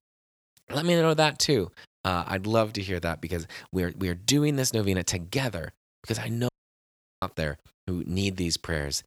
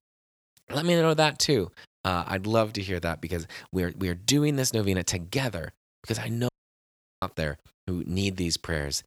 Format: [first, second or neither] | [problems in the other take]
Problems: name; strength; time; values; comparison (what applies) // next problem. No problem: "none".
neither | audio cutting out; at 6.5 s for 0.5 s; the same in both